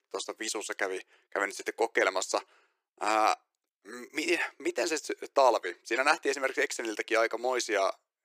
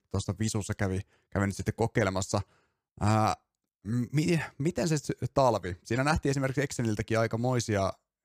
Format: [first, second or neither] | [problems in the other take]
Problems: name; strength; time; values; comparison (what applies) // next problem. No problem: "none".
second | thin; very; fading below 350 Hz